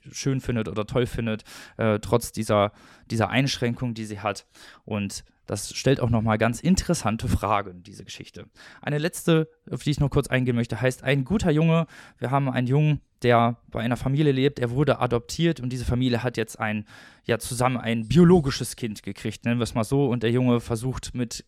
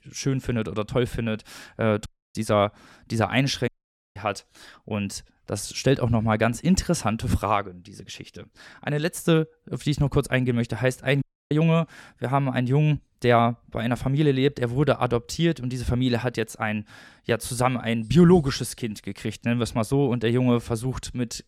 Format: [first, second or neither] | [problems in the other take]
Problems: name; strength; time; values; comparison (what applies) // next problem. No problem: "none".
first | audio cutting out; at 2 s, at 3.5 s and at 11 s